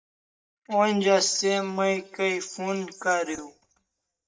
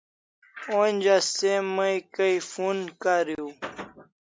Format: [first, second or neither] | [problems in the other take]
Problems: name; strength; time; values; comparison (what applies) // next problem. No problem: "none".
second | noise reduction (neural mask model DeepFilterNet 3)